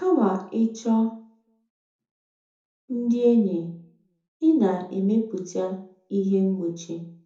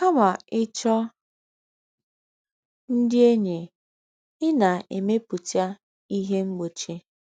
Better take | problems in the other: second | room echo; dies away in 0.5 s

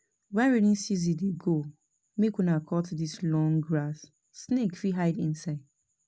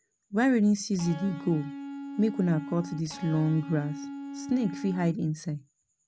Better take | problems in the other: first | background sound (Electric guitar); 11 dB below the speech

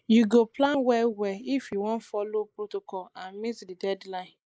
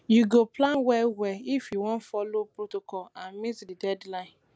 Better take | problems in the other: second | noise reduction (neural mask model Resemble Enhance denoiser)

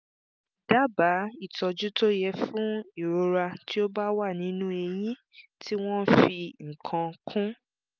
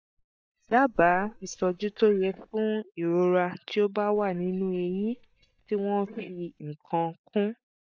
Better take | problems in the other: first | noise reduction (neural mask model DeepFilterNet 3)

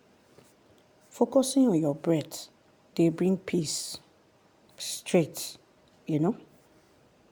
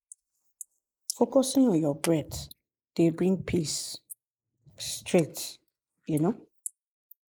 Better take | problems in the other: first | noise reduction (neural mask model Resemble Enhance denoiser)

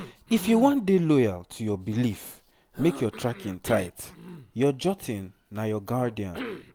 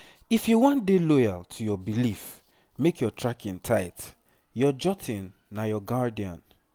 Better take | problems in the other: second | background sound (Cough); 16 dB below the speech

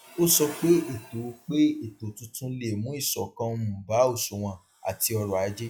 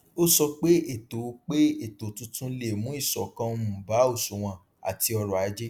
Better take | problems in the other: second | noise reduction (classical method log-MMSE)

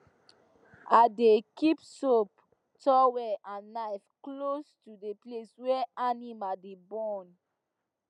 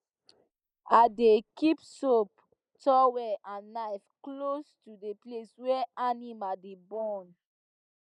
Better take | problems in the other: first | noise reduction (neural mask model Resemble Enhance denoiser)

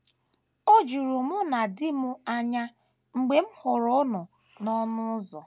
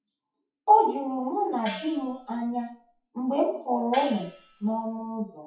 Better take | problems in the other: first | noise reduction (classical method WPE with log-MMSE)

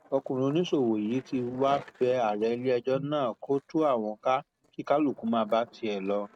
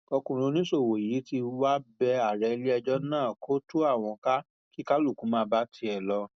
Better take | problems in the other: second | noise reduction (neural mask model RNNoise)

